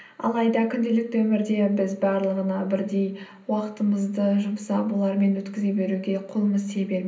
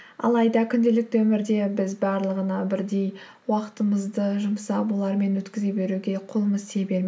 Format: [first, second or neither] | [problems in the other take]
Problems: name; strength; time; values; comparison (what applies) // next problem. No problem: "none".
second | room echo; dies away in 0.5 s